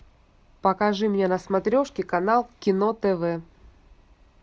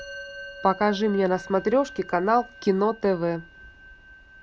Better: first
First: none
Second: background sound (Musical instrument); 17 dB below the speech

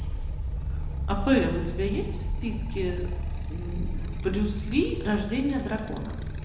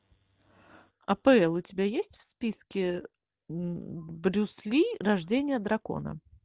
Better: second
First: background sound (Motorcycle); 1 dB below the speech // room echo; dies away in 0.9 s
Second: none

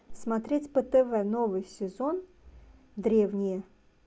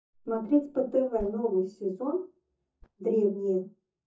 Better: first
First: none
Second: noise reduction (neural mask model DeepFilterNet 3)

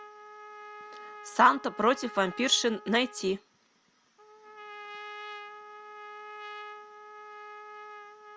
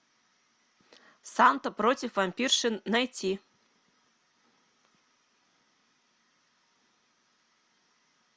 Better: second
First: background sound (Trumpet); 14 dB below the speech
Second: none

